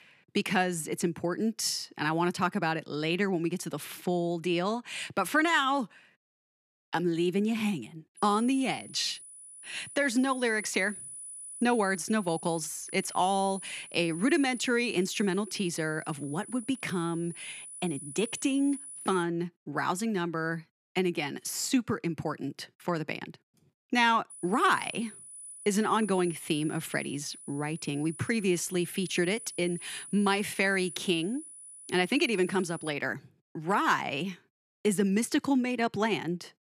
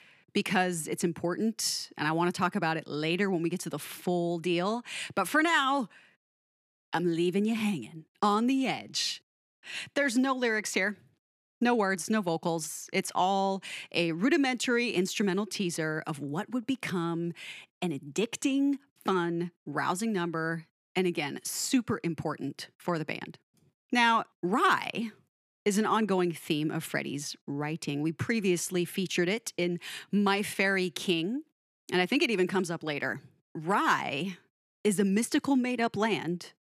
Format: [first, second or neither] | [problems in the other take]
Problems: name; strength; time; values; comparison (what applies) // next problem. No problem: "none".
second | high-pitched whine; noticeable; from 8 to 19 s and from 24 to 33 s; 10 kHz, 15 dB below the speech